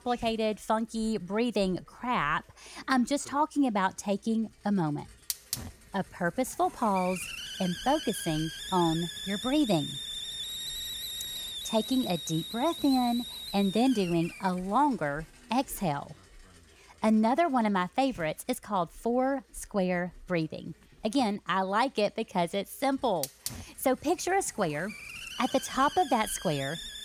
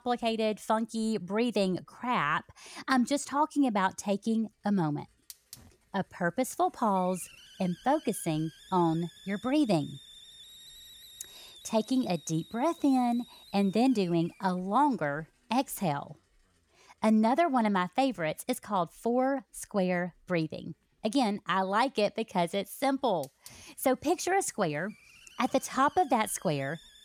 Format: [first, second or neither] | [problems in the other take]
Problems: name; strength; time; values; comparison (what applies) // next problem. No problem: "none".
second | hiss; loud; throughout; 8 dB below the speech; faint in the second